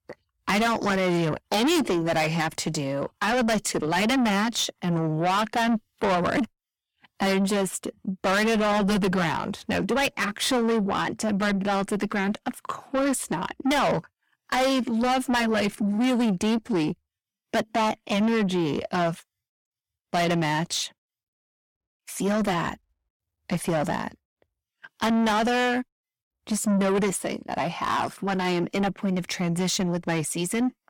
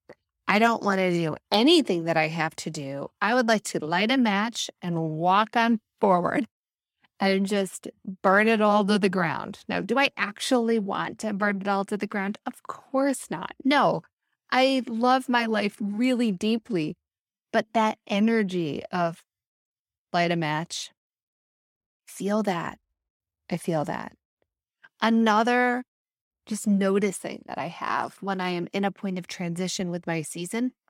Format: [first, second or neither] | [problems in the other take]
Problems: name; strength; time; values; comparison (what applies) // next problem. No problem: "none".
second | distortion; heavy; 6 dB below the speech